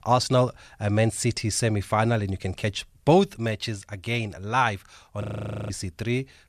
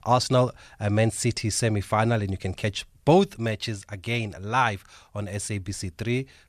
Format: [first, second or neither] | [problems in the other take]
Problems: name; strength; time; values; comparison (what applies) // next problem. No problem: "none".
second | audio freezing; at 5 s